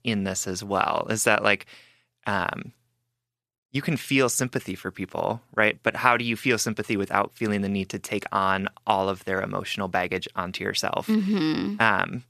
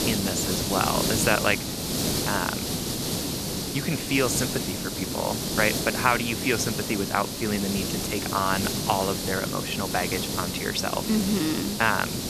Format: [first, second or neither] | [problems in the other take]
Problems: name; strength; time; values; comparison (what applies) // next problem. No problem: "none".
first | hiss; loud; throughout; 1 dB below the speech